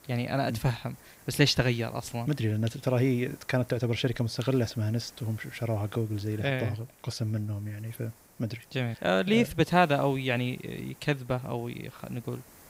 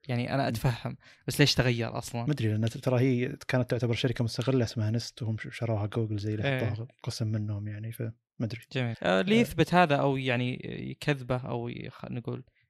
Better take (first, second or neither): second